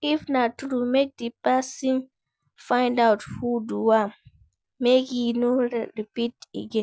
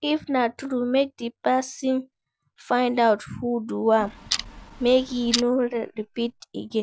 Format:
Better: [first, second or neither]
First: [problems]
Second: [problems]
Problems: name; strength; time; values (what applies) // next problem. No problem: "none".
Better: first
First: none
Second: background sound (Clock); 9 dB below the speech